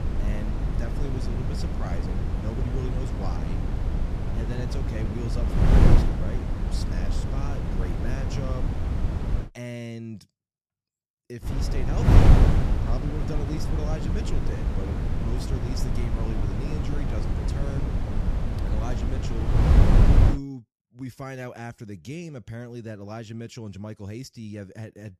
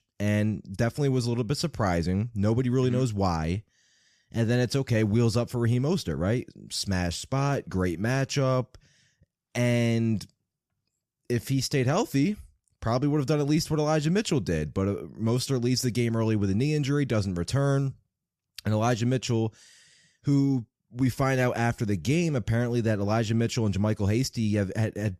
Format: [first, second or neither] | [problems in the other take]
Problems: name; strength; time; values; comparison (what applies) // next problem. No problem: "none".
second | wind noise on the microphone; heavy; until 9.5 s and from 11 to 20 s; 5 dB above the speech